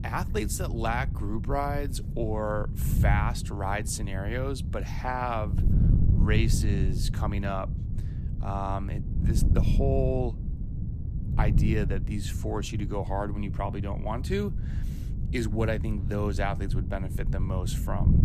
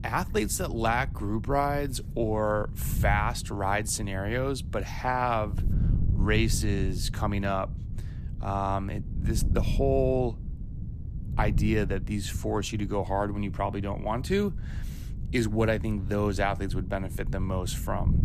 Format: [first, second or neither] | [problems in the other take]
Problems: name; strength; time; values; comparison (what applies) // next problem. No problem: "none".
second | wind noise on the microphone; heavy; 10 dB below the speech; occasional gusts in the second